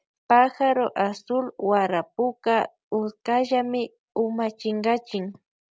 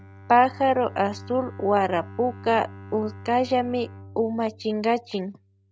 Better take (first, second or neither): first